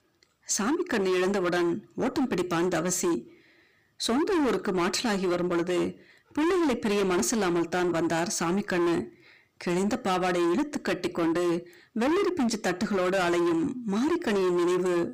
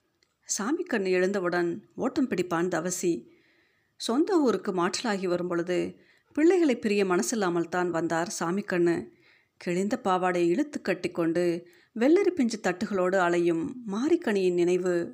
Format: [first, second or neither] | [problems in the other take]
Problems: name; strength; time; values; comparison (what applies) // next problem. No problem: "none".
second | distortion; heavy; 26% of the sound clipped